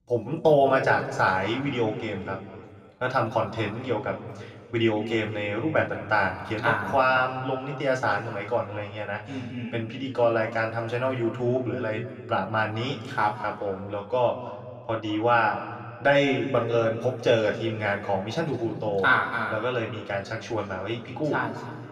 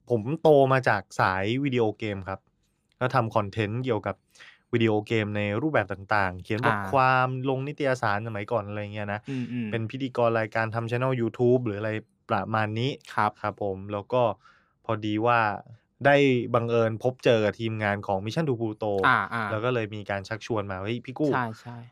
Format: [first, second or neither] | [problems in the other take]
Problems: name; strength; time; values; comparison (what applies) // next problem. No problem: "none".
second | room echo; noticeable; dies away in 1.8 s // off-mic speech; somewhat distant